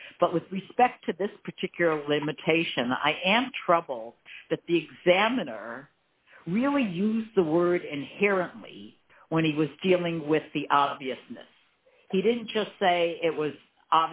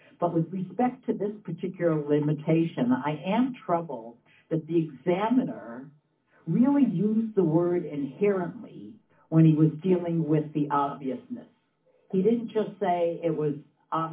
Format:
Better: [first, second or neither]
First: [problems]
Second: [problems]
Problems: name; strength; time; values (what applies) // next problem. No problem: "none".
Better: first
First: none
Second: room echo; dies away in 0.4 s